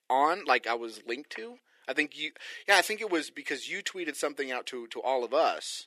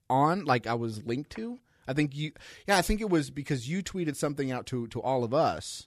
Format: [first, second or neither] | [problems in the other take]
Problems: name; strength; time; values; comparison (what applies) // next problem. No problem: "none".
second | thin; somewhat; fading below 350 Hz